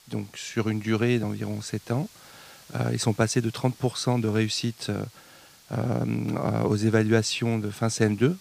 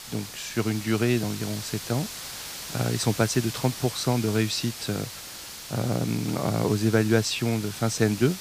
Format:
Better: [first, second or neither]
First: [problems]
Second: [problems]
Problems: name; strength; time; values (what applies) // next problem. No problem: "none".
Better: first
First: hiss; faint; throughout; 25 dB below the speech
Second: hiss; loud; throughout; 10 dB below the speech